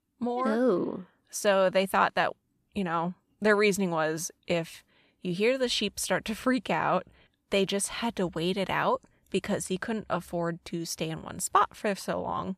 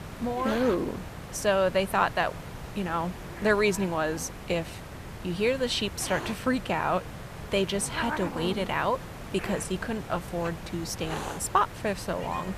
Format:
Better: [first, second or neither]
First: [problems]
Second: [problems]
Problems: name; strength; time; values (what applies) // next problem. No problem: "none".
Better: first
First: none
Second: hiss; noticeable; throughout; 10 dB below the speech